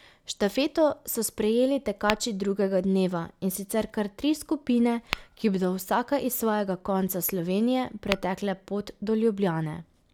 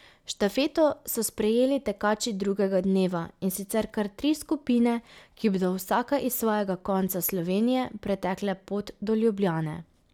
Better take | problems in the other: second | background sound (Tap / Glass); 15 dB below the speech

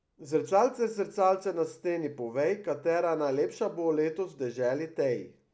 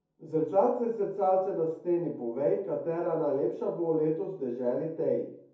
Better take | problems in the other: first | room echo; dies away in 0.6 s

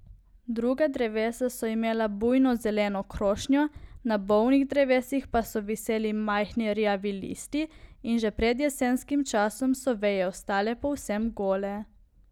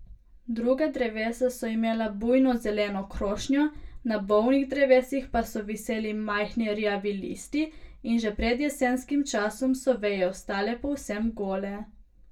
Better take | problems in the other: first | room echo; dies away in 0.2 s

